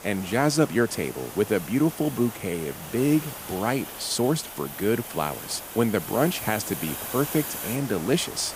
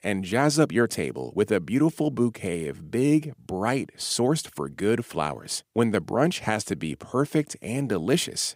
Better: second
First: hiss; loud; throughout; 9 dB below the speech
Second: none

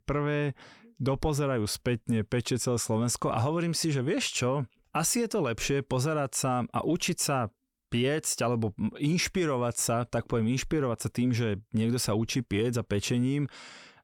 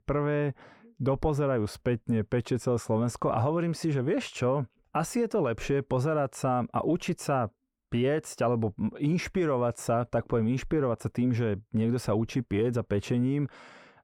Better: first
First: none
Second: muffled; slightly; fading above 2.5 kHz

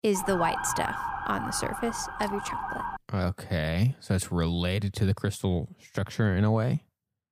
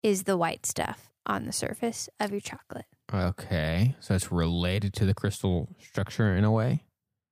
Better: second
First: siren; noticeable; until 3 s; peak 1 dB below the speech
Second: none

